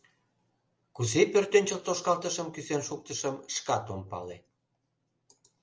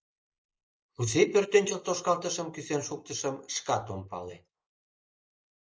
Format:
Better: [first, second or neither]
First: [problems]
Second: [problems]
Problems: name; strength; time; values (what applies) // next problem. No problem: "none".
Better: first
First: none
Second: noise reduction (neural mask model Resemble Enhance denoiser)